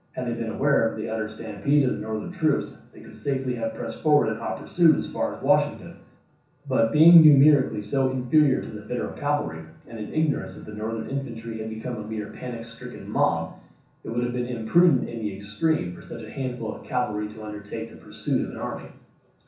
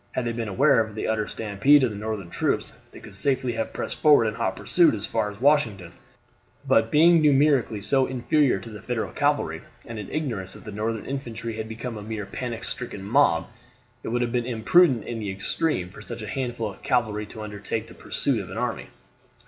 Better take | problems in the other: second | room echo; dies away in 0.6 s

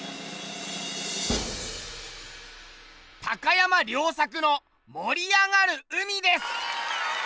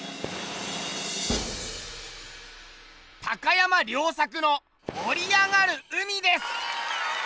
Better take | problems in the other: first | background sound (Fire); 12 dB below the speech

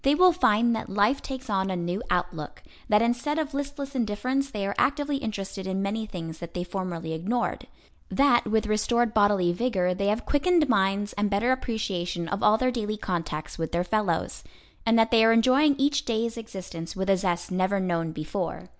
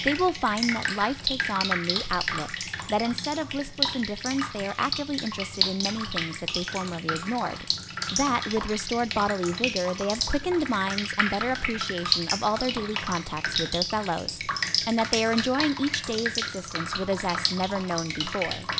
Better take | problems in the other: first | background sound (Drip); 2 dB below the speech

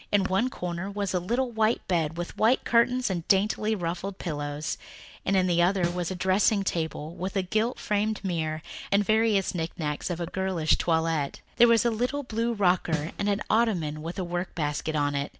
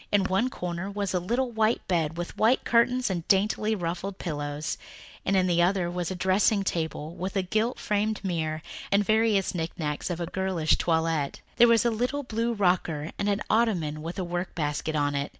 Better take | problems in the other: second | background sound (Snare drum); 10 dB below the speech

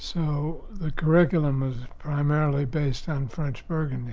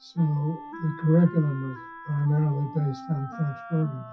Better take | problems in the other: first | noise reduction (classical method WPE with log-MMSE)

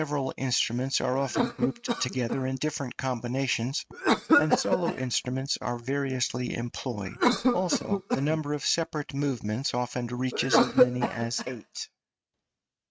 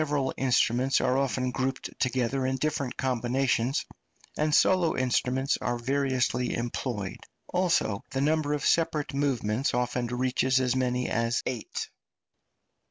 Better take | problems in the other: second | noise reduction (neural mask model RNNoise)

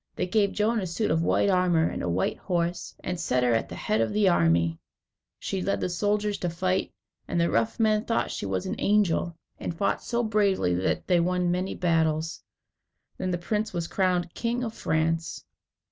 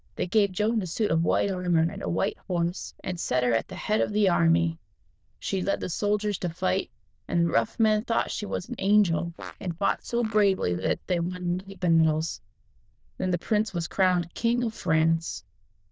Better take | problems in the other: first | noise reduction (neural diffusion model UNIVERSE++)

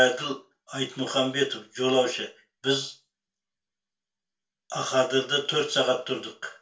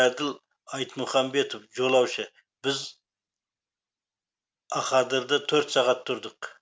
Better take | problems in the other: second | room echo; dies away in 0.2 s

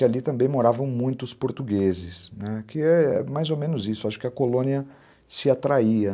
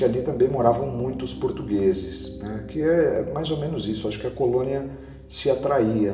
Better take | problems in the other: first | background sound (Piano); 15 dB below the speech // room echo; dies away in 1 s

